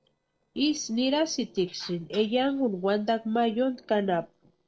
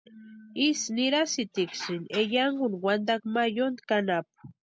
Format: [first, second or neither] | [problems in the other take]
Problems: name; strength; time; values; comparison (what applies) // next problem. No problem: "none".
second | noise reduction (neural separator model SepFormer DNS4)